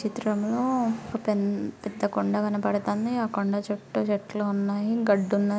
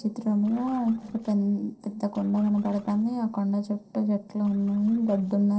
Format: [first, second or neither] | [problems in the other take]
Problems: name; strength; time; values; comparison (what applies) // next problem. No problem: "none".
first | noise reduction (neural separator model SepFormer DNS4)